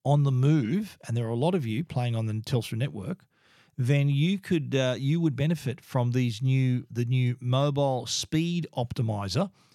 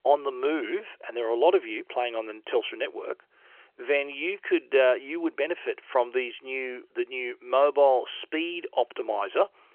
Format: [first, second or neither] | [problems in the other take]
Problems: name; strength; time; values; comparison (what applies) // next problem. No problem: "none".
first | phone-call audio; nothing above 3 kHz